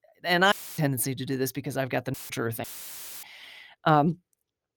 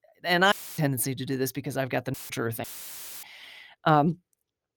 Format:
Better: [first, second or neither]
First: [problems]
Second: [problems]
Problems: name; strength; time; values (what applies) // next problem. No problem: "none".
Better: neither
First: audio cutting out; filled with static; at 0.5 s, at 2 s and at 2.5 s for 0.5 s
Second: audio cutting out; filled with static; at 0.5 s, at 2 s and at 2.5 s for 0.5 s